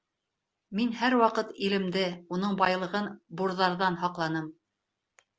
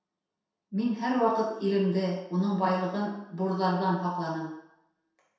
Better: first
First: none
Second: room echo; dies away in 0.7 s

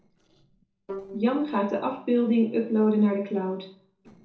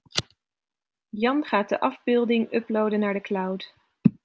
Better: second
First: noise reduction (neural separator model SepFormer DNS4)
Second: none

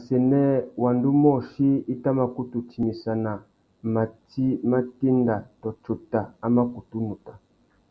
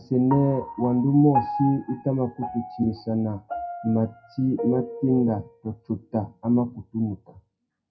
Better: first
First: none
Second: noise reduction (classical method WPE with log-MMSE)

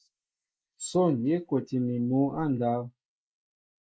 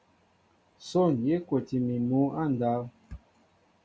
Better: second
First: noise reduction (neural mask model Resemble Enhance denoiser)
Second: none

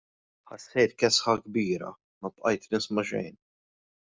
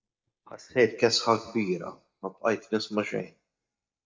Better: first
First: none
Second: noise reduction (neural mask model DeepFilterNet 3)

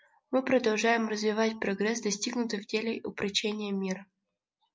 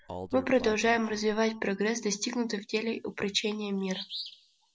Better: first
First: none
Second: background sound (Bird vocalization, bird call, bird song); 16 dB below the speech

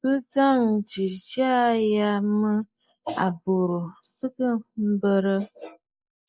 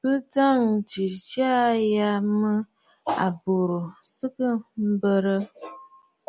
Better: second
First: noise reduction (neural mask model Resemble Enhance denoiser)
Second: none

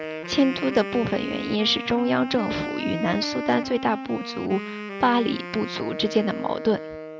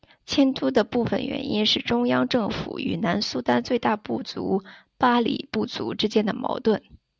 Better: second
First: background sound (Wind instrument, woodwind instrument); 8 dB below the speech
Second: none

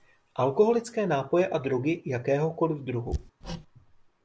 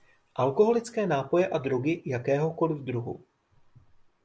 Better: second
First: background sound (Hammer); 11 dB below the speech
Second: none

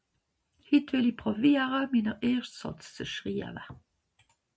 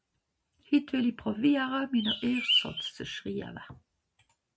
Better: first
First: none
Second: background sound (Bird); 1 dB above the speech

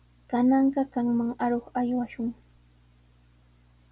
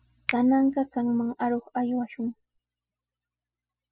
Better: first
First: none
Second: noise reduction (classical method spectral subtraction)

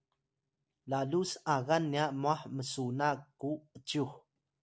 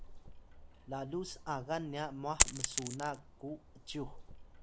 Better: first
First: none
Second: background sound (Coin (dropping)); 3 dB above the speech

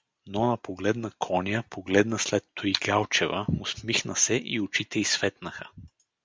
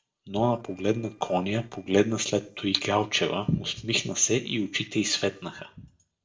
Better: first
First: none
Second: noise reduction (neural separator model SepFormer DNS4)

